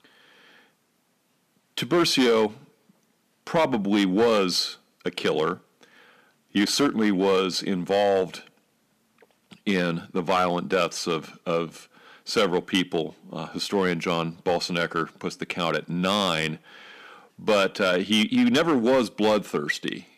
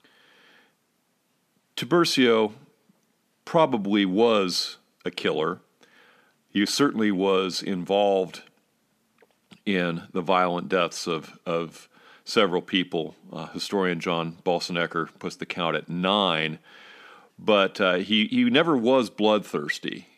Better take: second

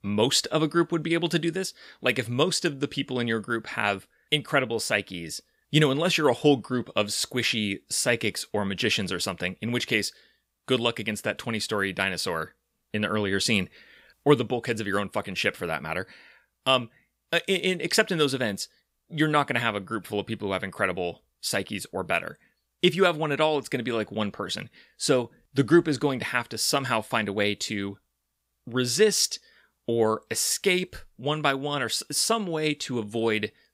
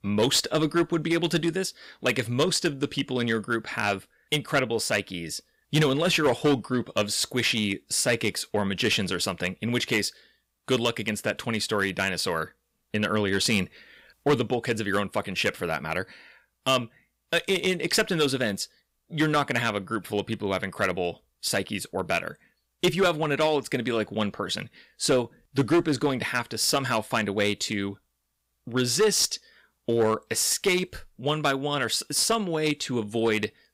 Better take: first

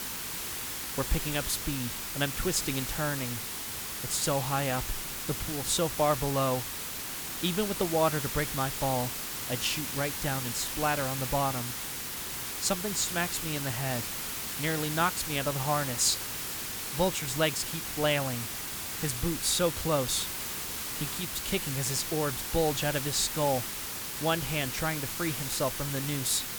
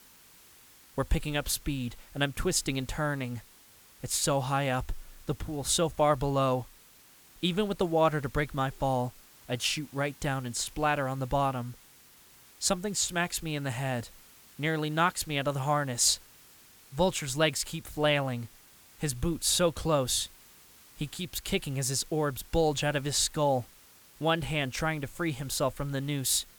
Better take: second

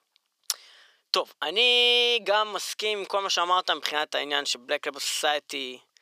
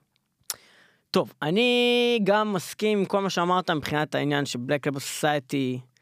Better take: second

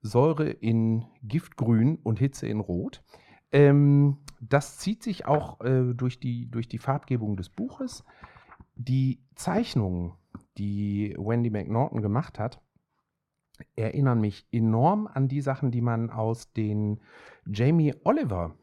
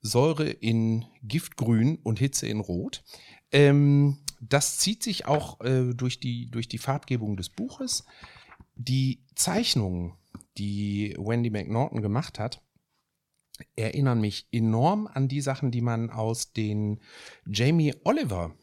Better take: second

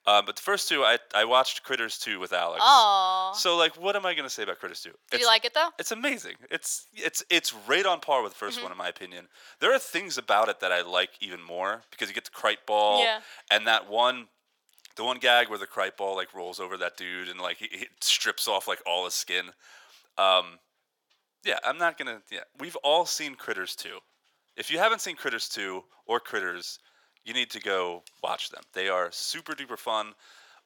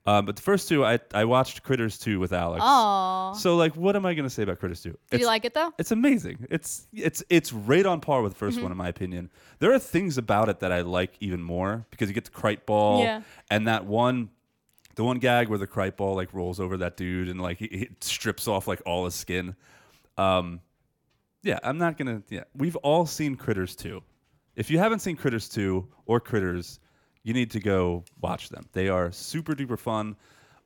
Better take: second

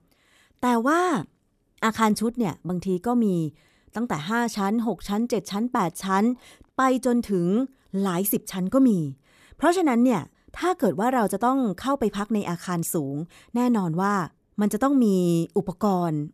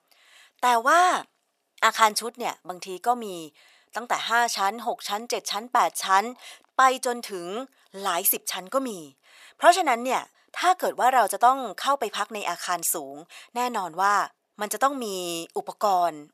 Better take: first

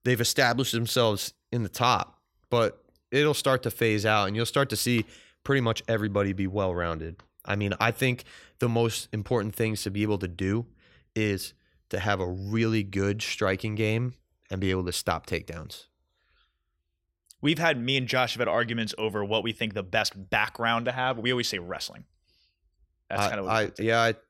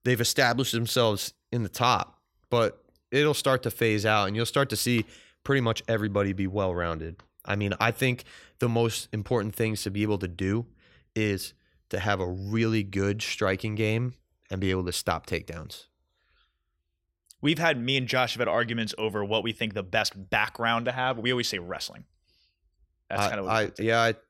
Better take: neither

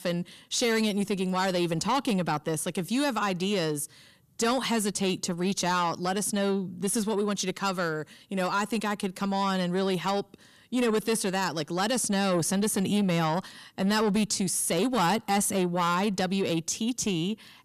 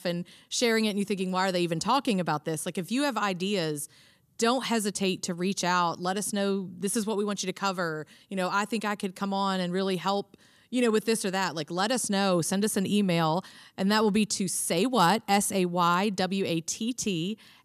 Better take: second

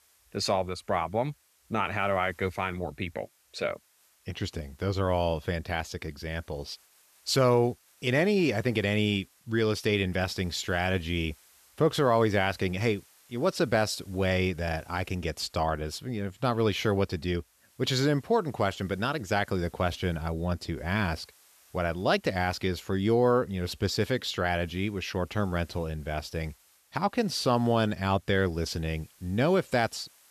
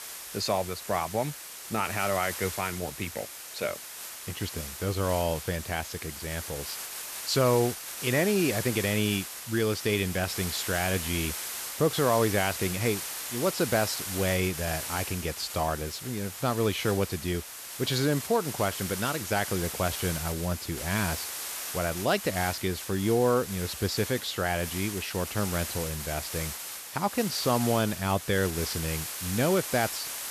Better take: first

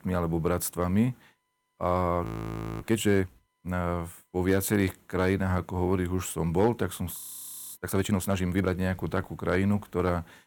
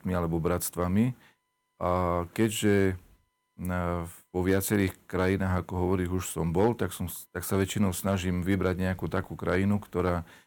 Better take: second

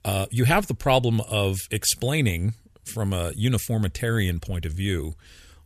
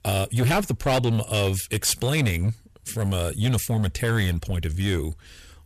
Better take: first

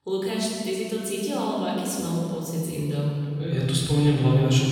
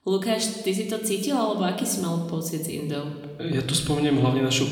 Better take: second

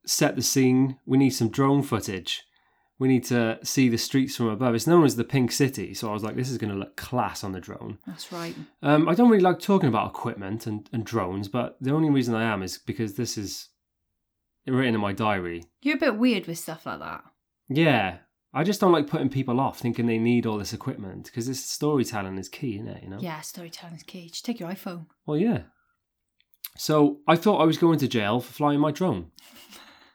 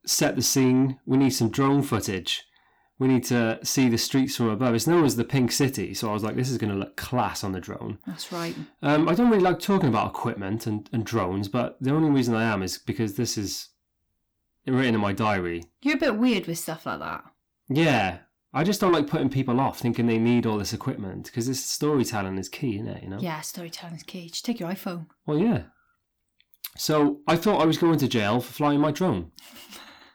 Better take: first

